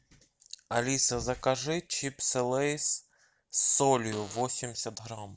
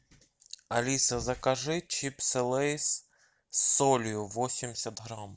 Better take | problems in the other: second | background sound (Fart); 17 dB below the speech

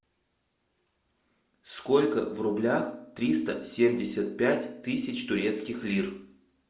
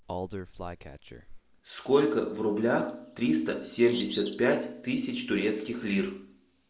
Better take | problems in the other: first | background sound (Bird vocalization, bird call, bird song); 15 dB below the speech

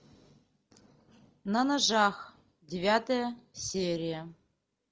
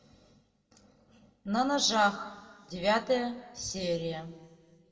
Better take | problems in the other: first | room echo; dies away in 0.9 s

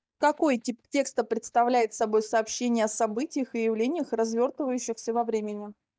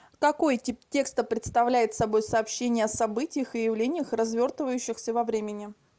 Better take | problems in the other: second | noise reduction (neural mask model DeepFilterNet 3)

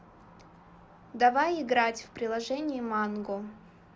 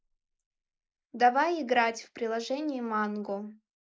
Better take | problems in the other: first | noise reduction (neural mask model Resemble Enhance denoiser)

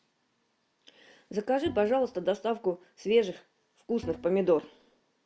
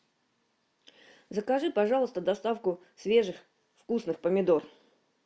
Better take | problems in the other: second | background sound (Bowed string instrument); 17 dB below the speech

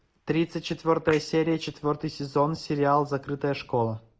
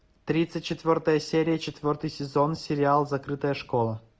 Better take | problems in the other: second | noise reduction (neural mask model Resemble Enhance denoiser)

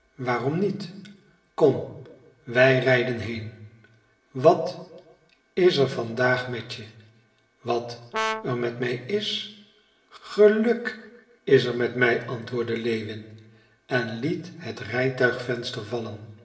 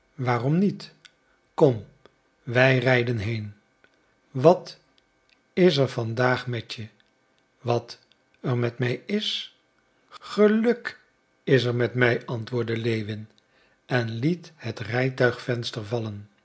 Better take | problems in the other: second | background sound (Brass instrument); 6 dB below the speech // room echo; dies away in 0.8 s

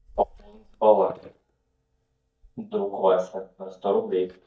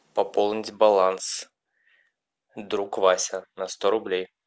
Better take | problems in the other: second | noise reduction (neural mask model DeepFilterNet 3)

